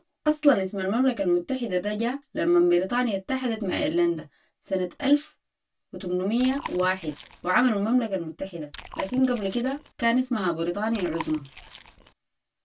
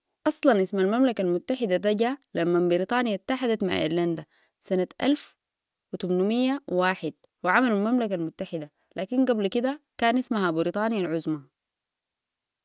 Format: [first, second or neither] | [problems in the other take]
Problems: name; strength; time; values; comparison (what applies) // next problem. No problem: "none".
second | background sound (Chewing, mastication); 15 dB below the speech // room echo; dies away in 0.1 s